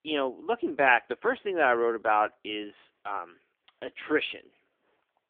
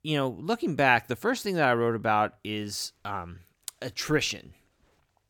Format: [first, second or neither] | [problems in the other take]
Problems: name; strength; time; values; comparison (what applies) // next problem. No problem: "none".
second | phone-call audio; poor line; nothing above 3.5 kHz